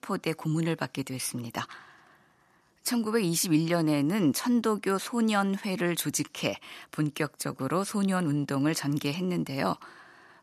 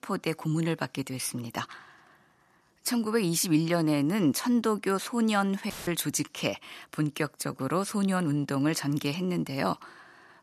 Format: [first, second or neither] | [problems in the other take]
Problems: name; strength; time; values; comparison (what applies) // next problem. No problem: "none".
first | audio cutting out; filled with static; at 5.5 s